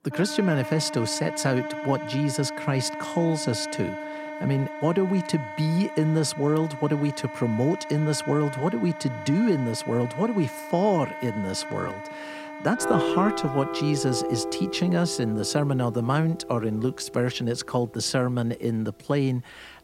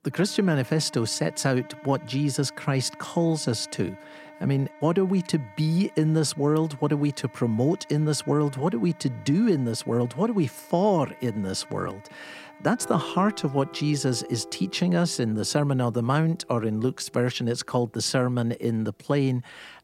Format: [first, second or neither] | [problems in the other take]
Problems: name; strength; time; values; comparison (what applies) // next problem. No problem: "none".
second | background music; loud; throughout; 8 dB below the speech; faint in the second